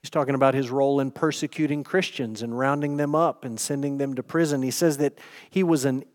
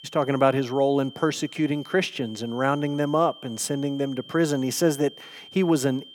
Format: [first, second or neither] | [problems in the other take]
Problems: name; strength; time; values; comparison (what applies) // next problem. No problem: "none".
first | high-pitched whine; noticeable; throughout; 3 kHz, 20 dB below the speech